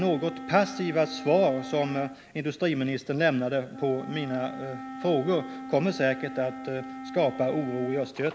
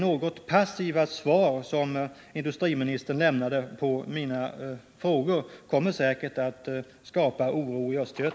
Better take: second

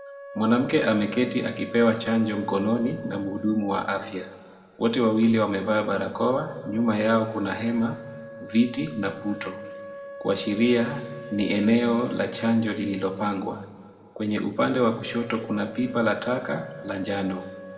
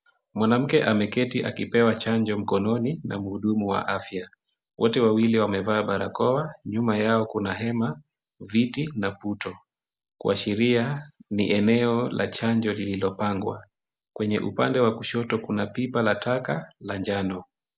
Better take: second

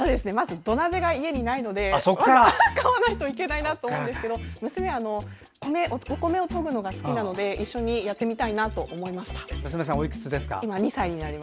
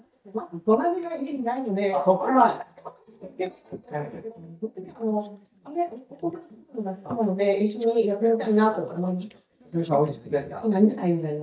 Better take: first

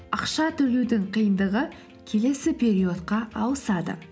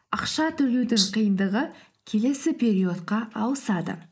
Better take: first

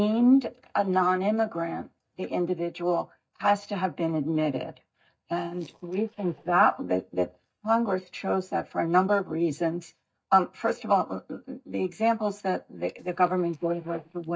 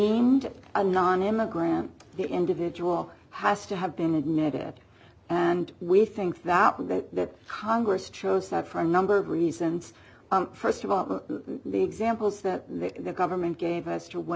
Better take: second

